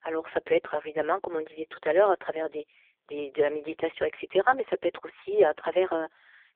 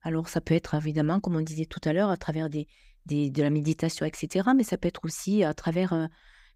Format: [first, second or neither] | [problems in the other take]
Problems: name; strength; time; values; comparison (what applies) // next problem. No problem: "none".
second | phone-call audio; poor line